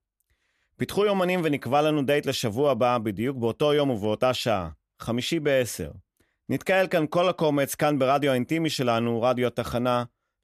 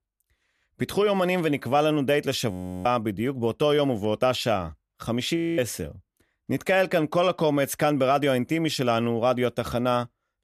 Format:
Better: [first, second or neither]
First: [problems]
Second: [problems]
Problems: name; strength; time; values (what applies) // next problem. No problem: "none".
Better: first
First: none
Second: audio freezing; at 2.5 s and at 5.5 s